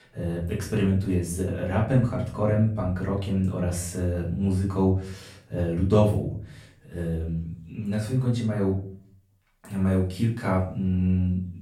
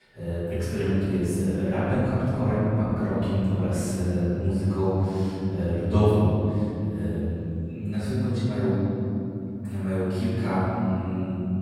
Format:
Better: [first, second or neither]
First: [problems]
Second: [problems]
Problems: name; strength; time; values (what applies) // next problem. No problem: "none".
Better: first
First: room echo; slight; dies away in 0.4 s // off-mic speech; far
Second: room echo; strong; dies away in 3 s // off-mic speech; far